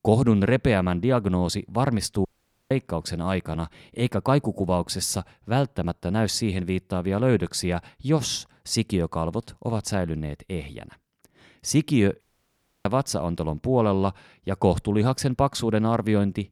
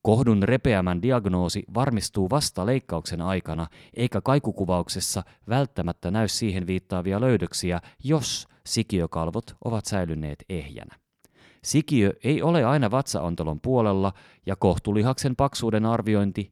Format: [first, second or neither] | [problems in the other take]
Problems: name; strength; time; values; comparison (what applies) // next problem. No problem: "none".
second | audio cutting out; at 2.5 s and at 12 s for 0.5 s